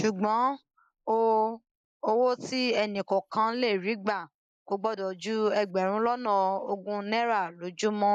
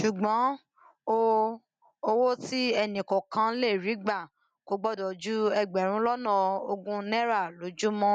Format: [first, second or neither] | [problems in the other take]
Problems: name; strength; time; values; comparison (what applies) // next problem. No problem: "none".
second | noise reduction (neural mask model Resemble Enhance denoiser)